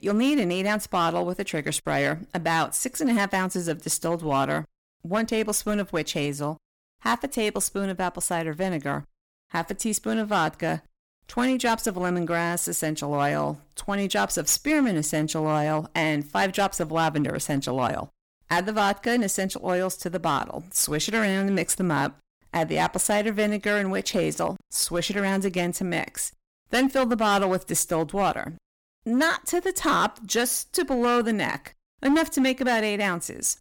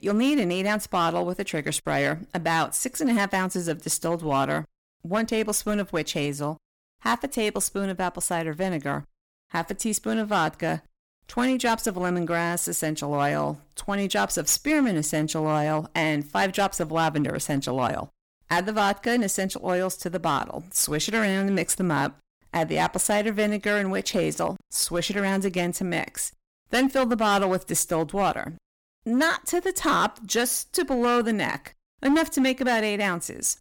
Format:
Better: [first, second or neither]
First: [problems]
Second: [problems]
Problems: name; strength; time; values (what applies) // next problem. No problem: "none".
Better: neither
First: distortion; slight; 6% of the sound clipped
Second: distortion; slight; 6% of the sound clipped